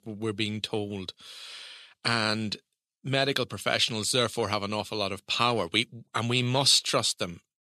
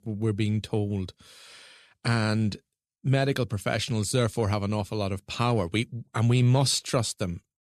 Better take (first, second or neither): second